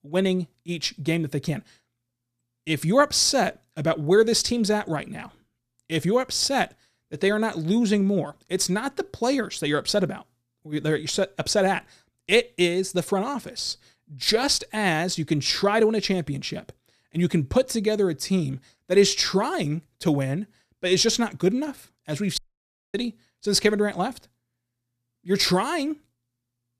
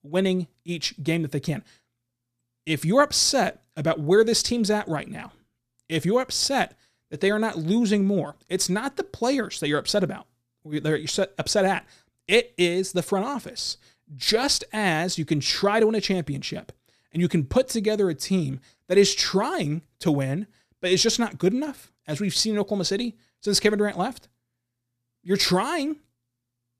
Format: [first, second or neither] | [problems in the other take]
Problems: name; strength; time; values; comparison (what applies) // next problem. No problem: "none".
second | audio cutting out; at 22 s for 0.5 s